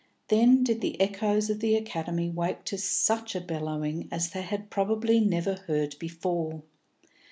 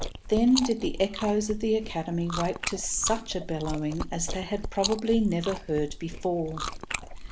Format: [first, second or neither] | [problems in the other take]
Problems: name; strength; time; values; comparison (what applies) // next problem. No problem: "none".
first | background sound (Chewing, mastication); 7 dB below the speech